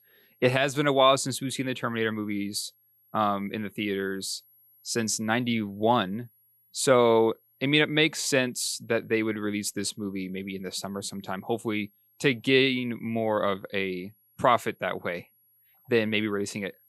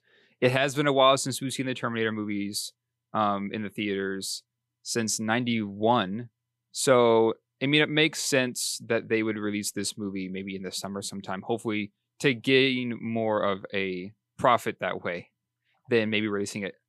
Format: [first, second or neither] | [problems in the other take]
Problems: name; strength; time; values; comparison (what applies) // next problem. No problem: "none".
second | high-pitched whine; faint; throughout; 11.5 kHz, 35 dB below the speech